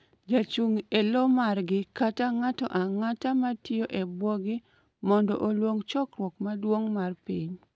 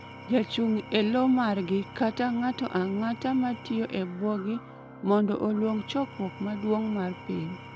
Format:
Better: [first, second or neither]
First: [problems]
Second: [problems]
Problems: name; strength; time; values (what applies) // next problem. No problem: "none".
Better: first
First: none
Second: background sound (Engine / Tools + Organ); 16 dB below the speech